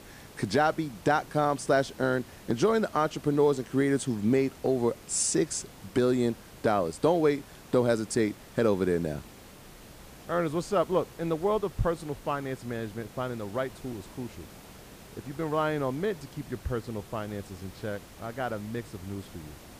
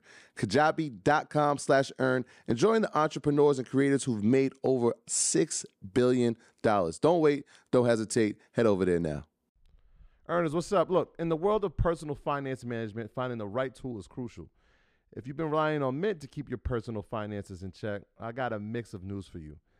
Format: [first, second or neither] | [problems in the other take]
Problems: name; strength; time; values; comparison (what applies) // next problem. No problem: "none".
second | hiss; noticeable; throughout; 20 dB below the speech